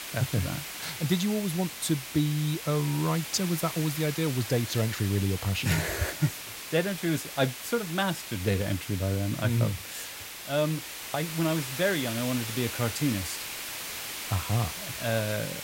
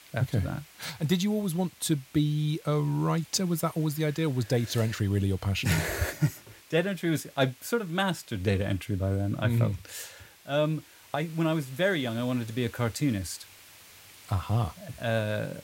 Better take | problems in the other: second | hiss; loud; throughout; 7 dB below the speech; faint in the second

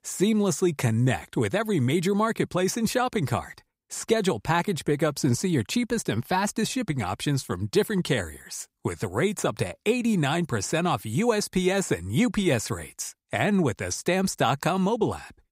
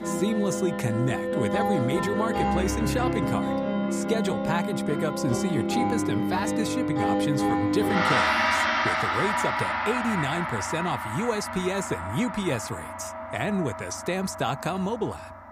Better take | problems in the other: first | background music; very loud; throughout; 3 dB above the speech

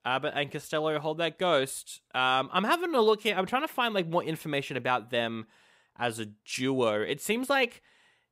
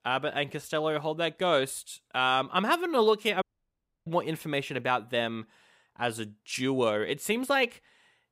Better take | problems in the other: first | audio cutting out; at 3.5 s for 0.5 s

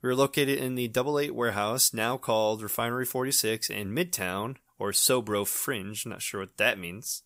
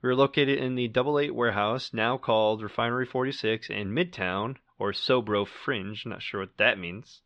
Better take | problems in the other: first | muffled; slightly; fading above 4 kHz

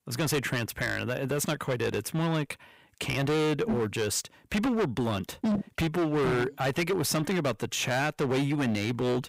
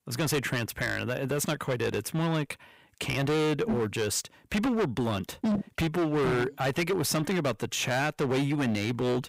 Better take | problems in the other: neither | distortion; heavy; 18% of the sound clipped; the same in both

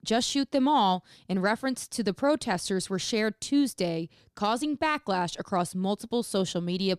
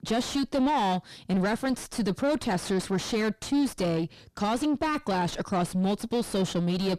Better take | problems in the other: first | distortion; heavy; 5 dB below the speech

